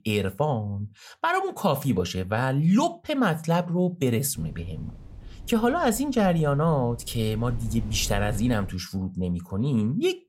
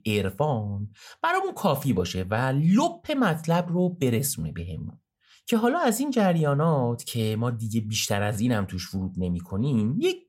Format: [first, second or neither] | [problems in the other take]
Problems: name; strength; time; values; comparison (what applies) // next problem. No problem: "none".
second | wind noise on the microphone; occasional gusts; from 4.5 to 8.5 s; 25 dB below the speech